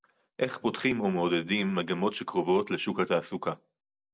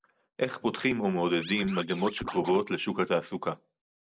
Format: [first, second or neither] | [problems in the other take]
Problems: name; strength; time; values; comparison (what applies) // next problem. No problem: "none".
first | noise reduction (neural mask model Resemble Enhance denoiser)